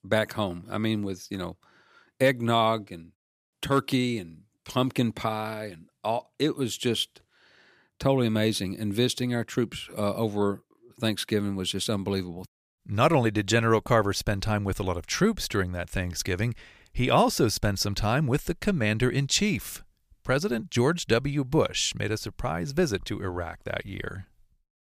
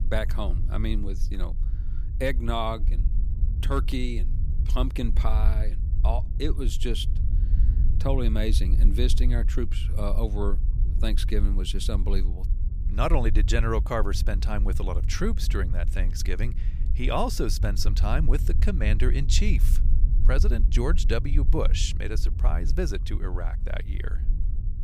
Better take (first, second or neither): first